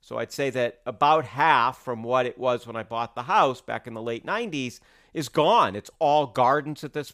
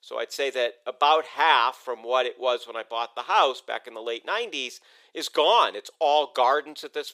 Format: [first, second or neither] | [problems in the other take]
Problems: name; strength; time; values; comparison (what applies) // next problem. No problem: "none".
first | thin; very; fading below 400 Hz